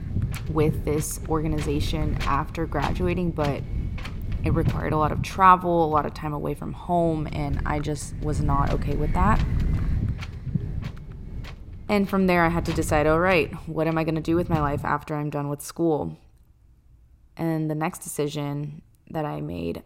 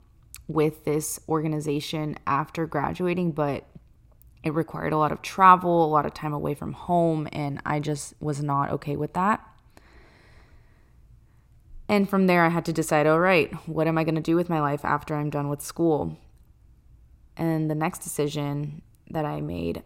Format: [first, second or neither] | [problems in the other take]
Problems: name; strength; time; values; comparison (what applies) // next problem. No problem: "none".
second | wind noise on the microphone; occasional gusts; until 15 s; 15 dB below the speech